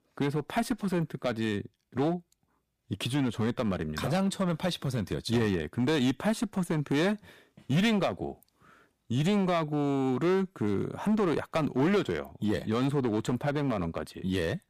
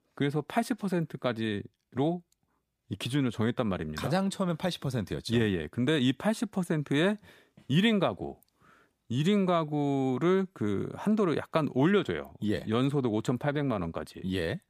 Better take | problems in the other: second | distortion; slight; 7% of the sound clipped

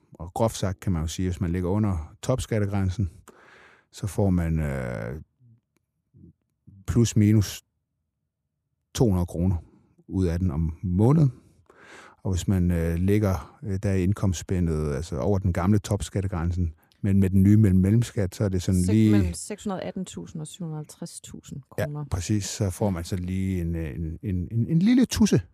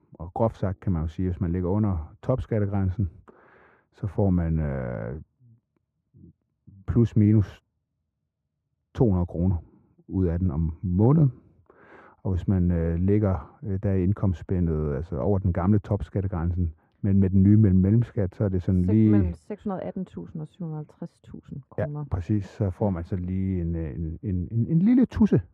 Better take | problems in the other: first | muffled; very; fading above 3 kHz

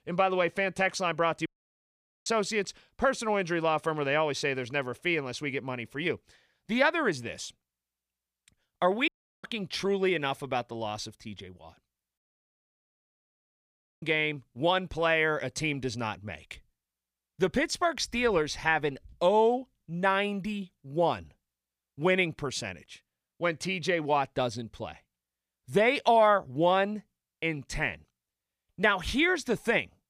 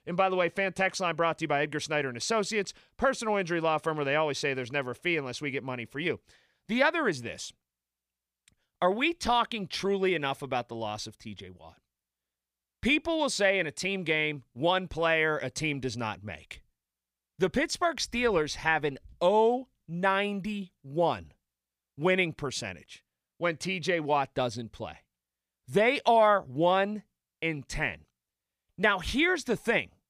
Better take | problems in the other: second | audio cutting out; at 1.5 s for 1 s, at 9 s and at 12 s for 2 s

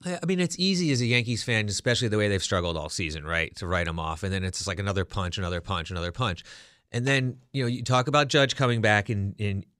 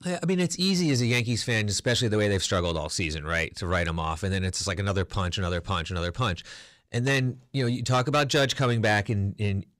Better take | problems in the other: first | distortion; slight; 10 dB below the speech

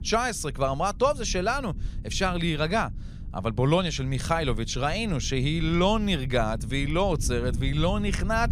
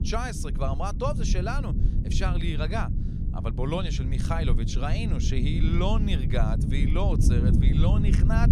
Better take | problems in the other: first | low rumble; loud; throughout; 6 dB below the speech; faint in the first

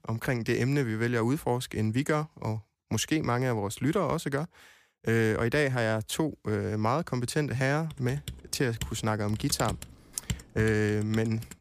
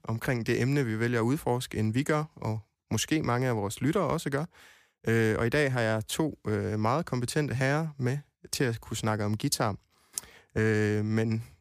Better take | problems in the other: second | keyboard typing; noticeable; from 8 s on; peak 8 dB below the speech

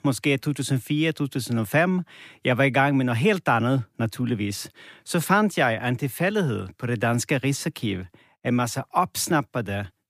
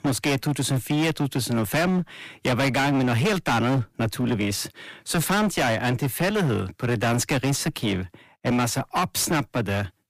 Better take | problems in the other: first | distortion; heavy; 25% of the sound clipped

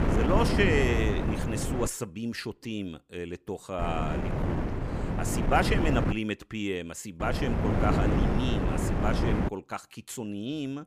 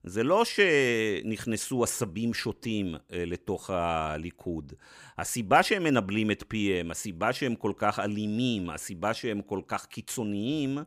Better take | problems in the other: second | wind noise on the microphone; heavy; until 2 s, from 4 to 6 s and from 7 to 9.5 s; 2 dB below the speech

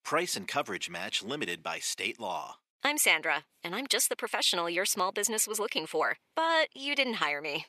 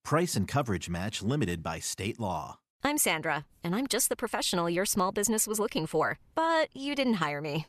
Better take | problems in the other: second | thin; somewhat; fading below 350 Hz

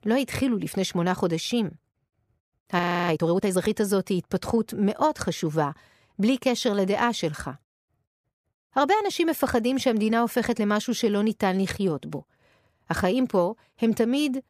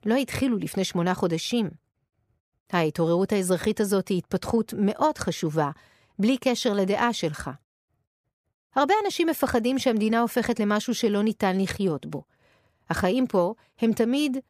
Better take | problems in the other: second | audio freezing; at 3 s

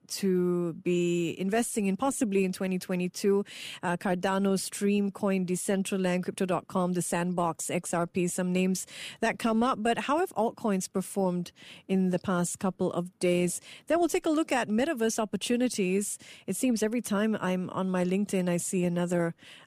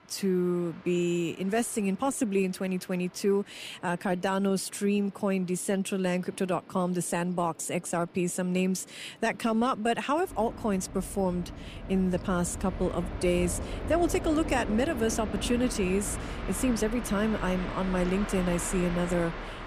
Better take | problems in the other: first | train or aircraft noise; loud; throughout; 8 dB below the speech

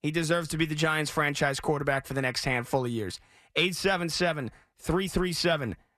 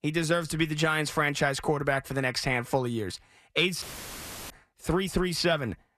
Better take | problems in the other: first | audio cutting out; filled with static; at 4 s for 0.5 s

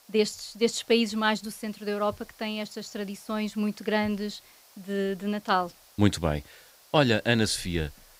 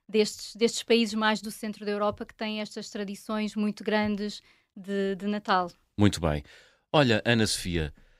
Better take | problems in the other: second | hiss; faint; throughout; 25 dB below the speech

